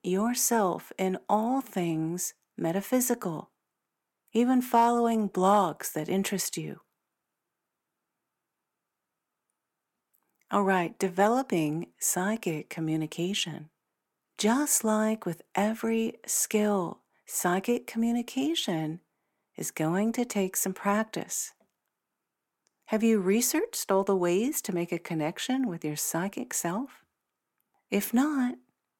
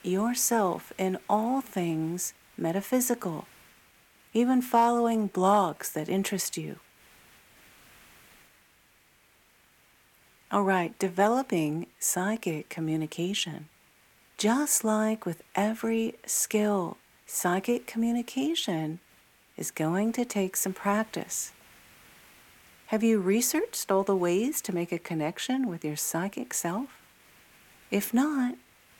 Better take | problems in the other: first | hiss; faint; throughout; 30 dB below the speech

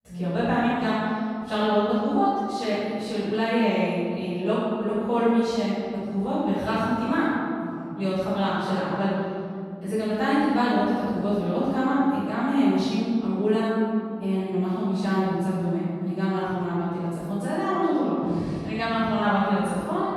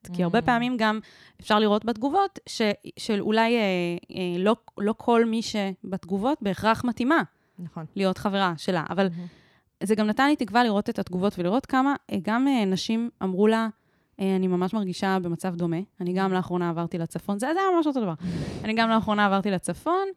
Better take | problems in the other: second | room echo; strong; dies away in 2.1 s // off-mic speech; far

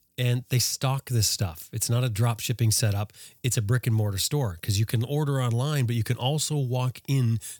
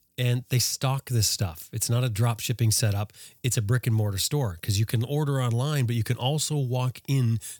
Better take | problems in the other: neither | none

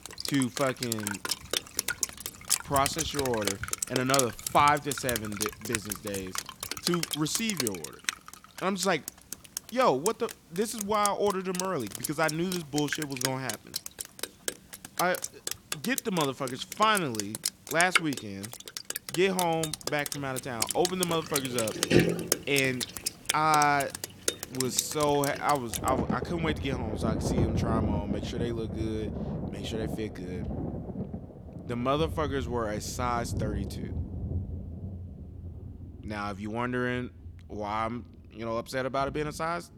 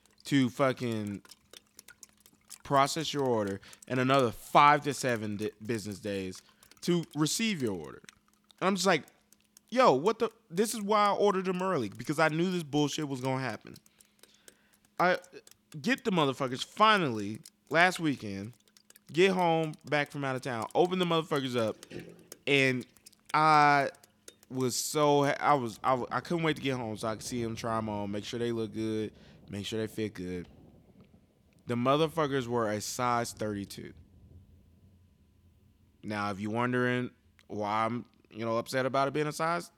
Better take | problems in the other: second | rain or running water; loud; throughout; 3 dB below the speech; faint in the second

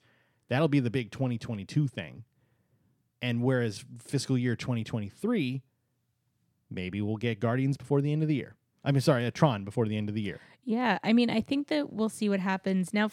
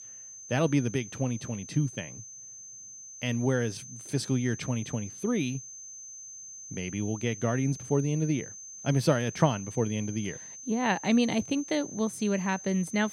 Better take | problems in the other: first | high-pitched whine; noticeable; throughout; 6 kHz, 10 dB below the speech

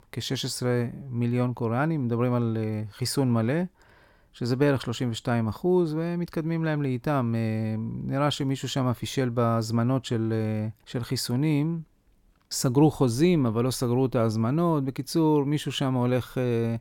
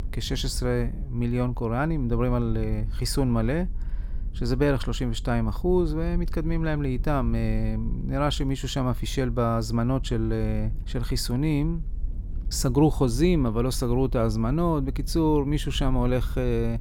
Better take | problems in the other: first | low rumble; faint; throughout; 25 dB below the speech

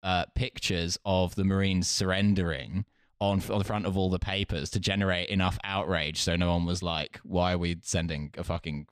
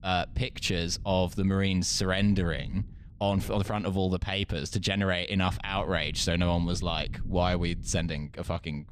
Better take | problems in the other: first | low rumble; faint; throughout; 25 dB below the speech

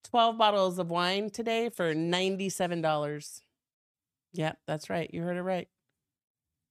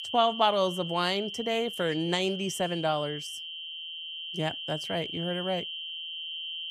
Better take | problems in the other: first | high-pitched whine; loud; throughout; 3 kHz, 6 dB below the speech

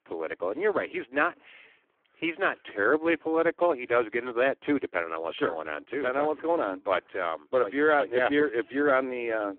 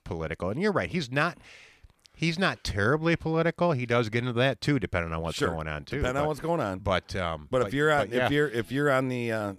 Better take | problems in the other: second | phone-call audio; poor line

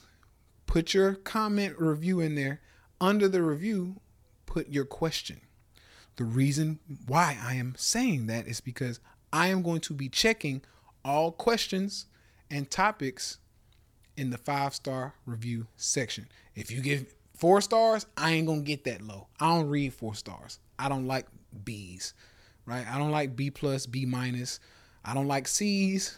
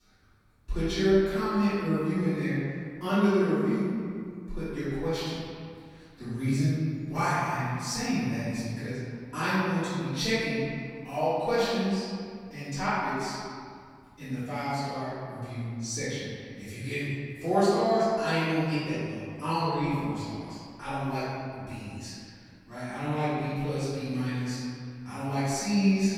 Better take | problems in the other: first | off-mic speech; far // room echo; strong; dies away in 2.1 s

